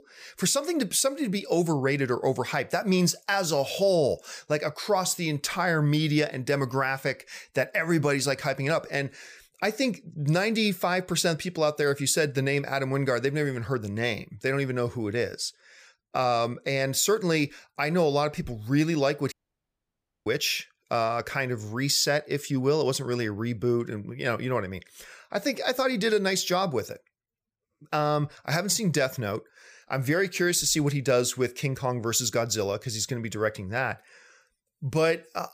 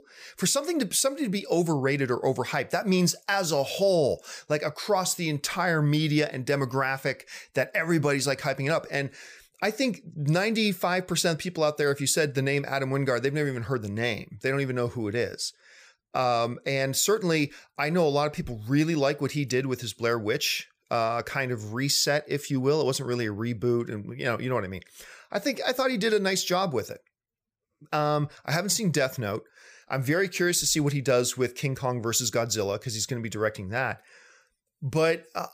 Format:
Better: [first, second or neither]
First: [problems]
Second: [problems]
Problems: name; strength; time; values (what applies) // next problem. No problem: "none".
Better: second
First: audio cutting out; at 19 s for 1 s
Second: none